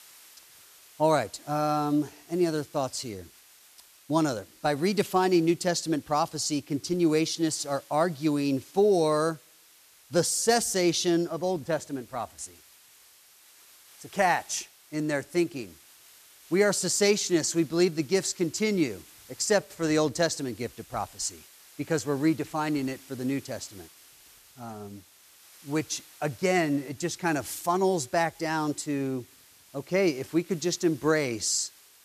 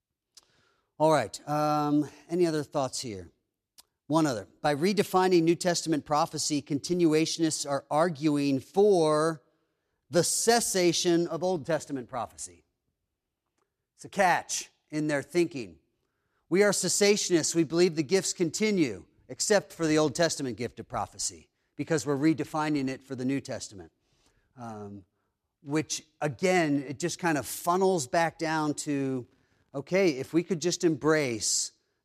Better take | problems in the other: second | hiss; faint; throughout; 25 dB below the speech

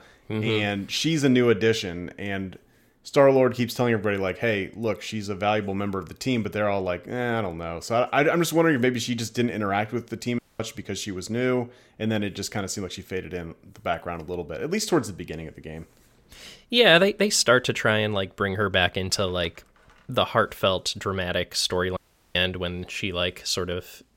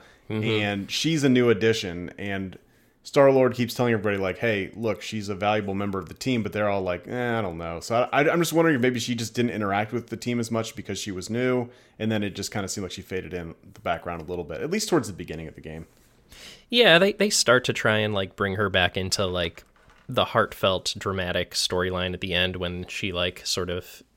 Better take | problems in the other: second | audio cutting out; at 10 s and at 22 s

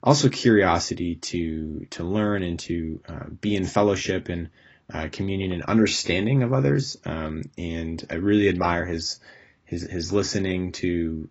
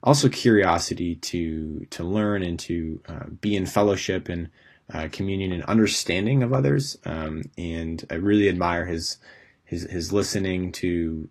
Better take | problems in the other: second | garbled, watery; badly; nothing above 7.5 kHz; slightly in the second

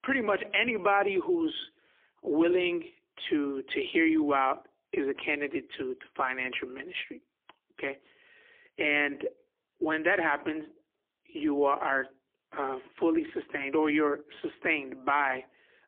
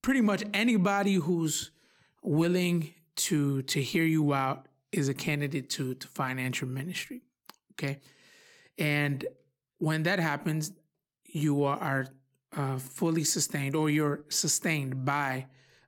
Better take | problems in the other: second | phone-call audio; poor line; nothing above 3.5 kHz

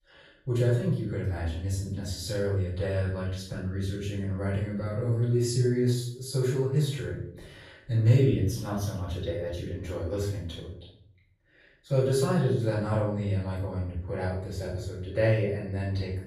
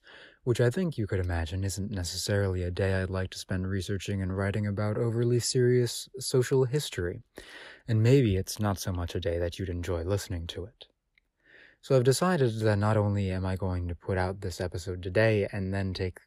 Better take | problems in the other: second | off-mic speech; far // room echo; noticeable; dies away in 0.6 s

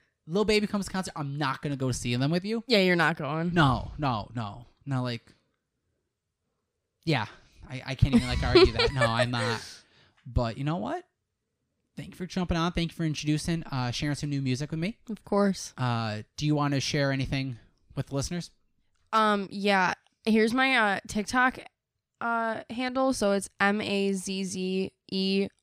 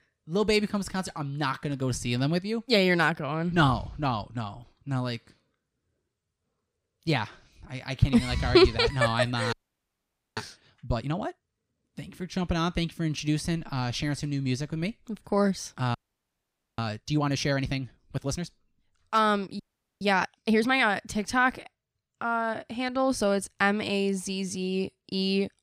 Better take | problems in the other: first | audio freezing; at 9.5 s for 1 s, at 16 s for 1 s and at 20 s

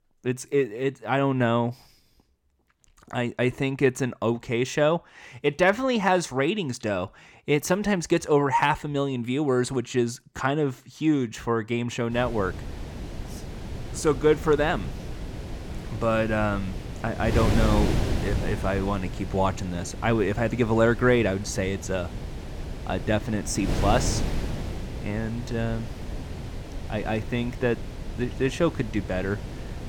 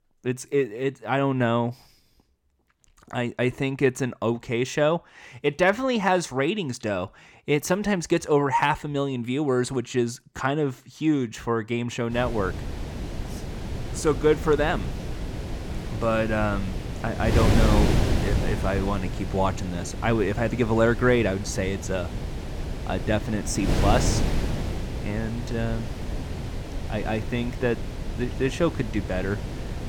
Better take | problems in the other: first | wind noise on the microphone; heavy; from 12 s on; 9 dB below the speech; occasional gusts in the first

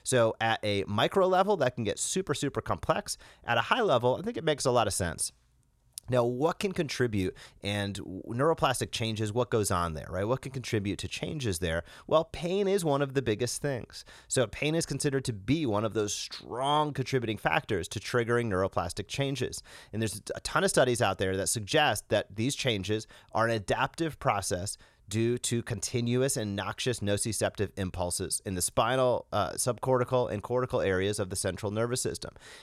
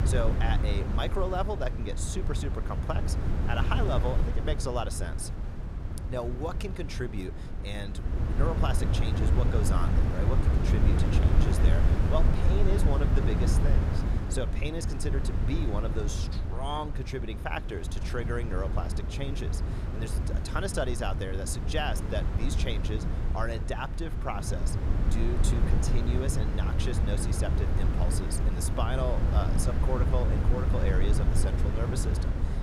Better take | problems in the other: first | wind noise on the microphone; heavy; 4 dB below the speech

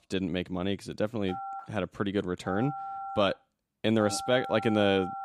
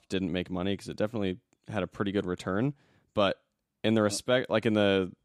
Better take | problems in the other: second | phone ringing; noticeable; from 1.5 s on; peak 8 dB below the speech

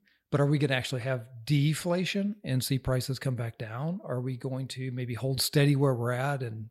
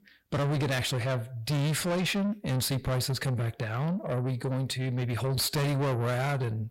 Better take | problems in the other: first | distortion; heavy; 5 dB below the speech

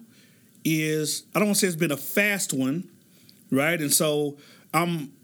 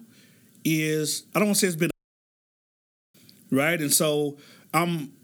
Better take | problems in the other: first | audio cutting out; at 2 s for 1 s

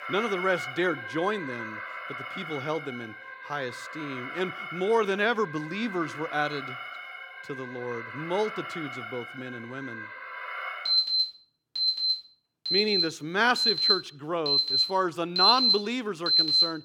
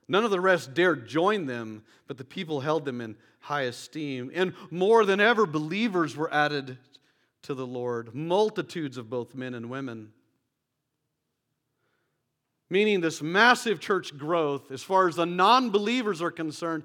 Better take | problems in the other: second | alarms or sirens; very loud; throughout; 3 dB above the speech

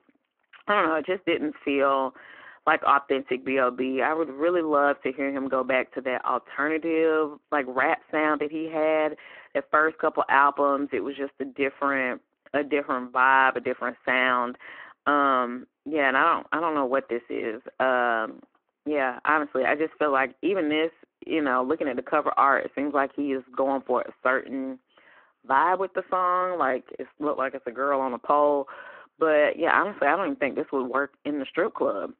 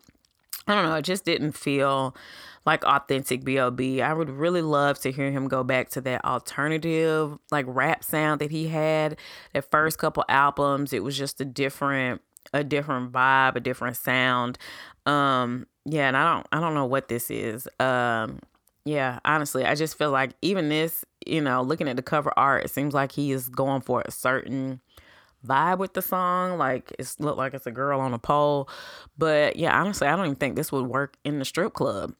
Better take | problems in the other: second | phone-call audio

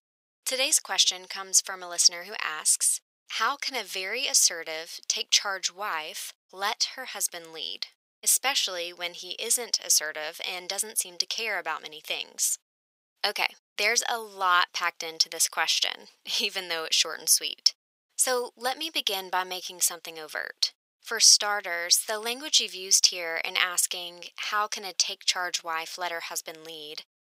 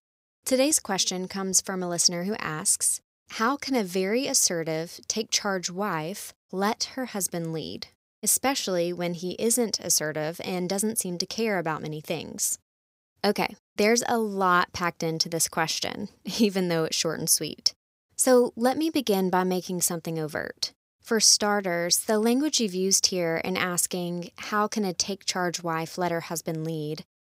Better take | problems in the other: second | thin; very; fading below 850 Hz

